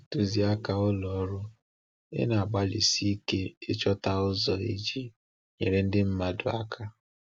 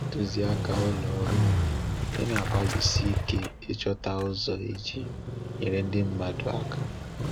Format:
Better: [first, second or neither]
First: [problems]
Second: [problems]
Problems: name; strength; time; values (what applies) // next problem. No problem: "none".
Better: first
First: none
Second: background sound (Motorcycle); 1 dB above the speech